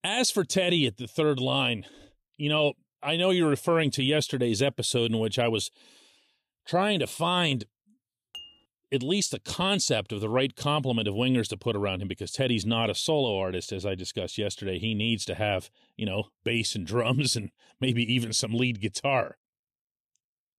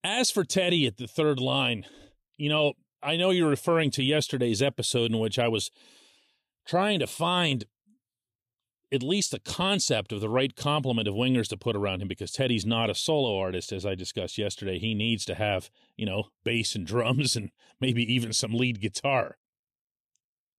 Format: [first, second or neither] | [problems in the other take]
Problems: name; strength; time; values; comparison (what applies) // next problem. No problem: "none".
second | clattering dishes; faint; at 8.5 s; peak 15 dB below the speech